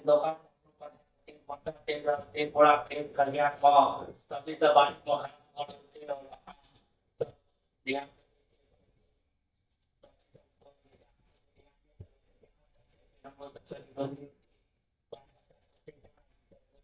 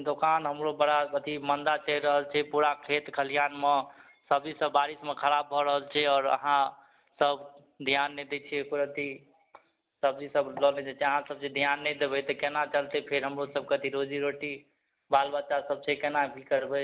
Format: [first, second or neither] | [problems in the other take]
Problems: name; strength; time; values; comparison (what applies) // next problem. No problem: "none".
second | noise reduction (neural mask model DeepFilterNet 3)